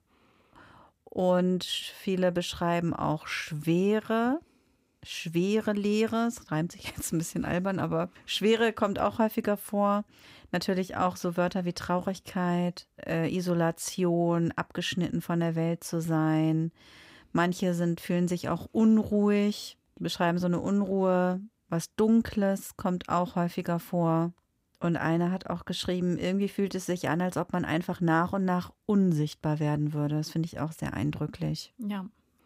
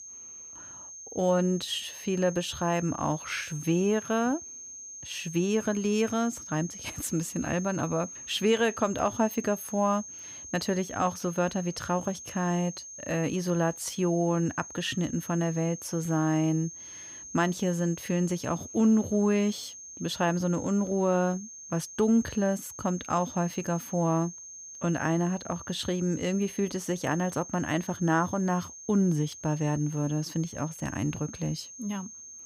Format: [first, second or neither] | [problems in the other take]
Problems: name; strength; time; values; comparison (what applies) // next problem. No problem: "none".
first | high-pitched whine; noticeable; throughout; 6.5 kHz, 10 dB below the speech